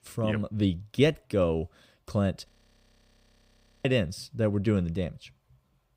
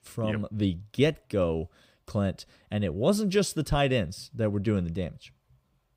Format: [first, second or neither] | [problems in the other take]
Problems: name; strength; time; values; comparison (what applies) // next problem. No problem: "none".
second | audio freezing; at 2.5 s for 1.5 s